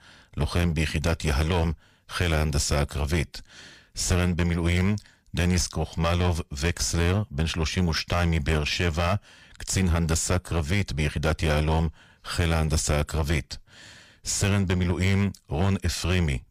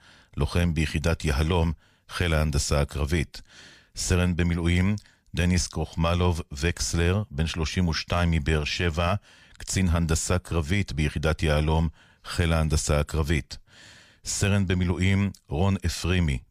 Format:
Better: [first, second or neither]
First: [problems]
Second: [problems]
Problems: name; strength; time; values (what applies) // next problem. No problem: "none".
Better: second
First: distortion; slight; 11% of the sound clipped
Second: none